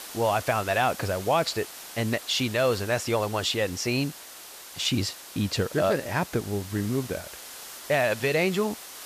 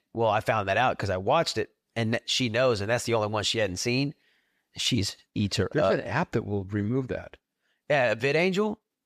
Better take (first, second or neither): second